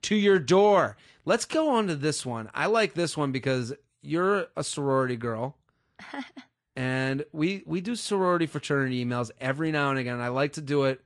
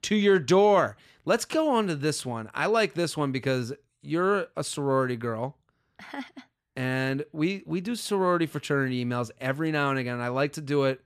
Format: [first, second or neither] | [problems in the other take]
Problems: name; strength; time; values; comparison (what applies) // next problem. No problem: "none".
second | garbled, watery; slightly; nothing above 10 kHz